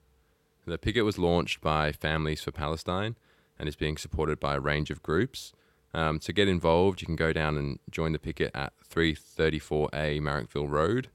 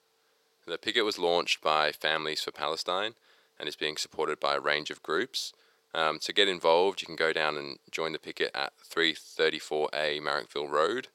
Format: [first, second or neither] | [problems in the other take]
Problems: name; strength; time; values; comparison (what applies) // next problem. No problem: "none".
first | thin; very; fading below 550 Hz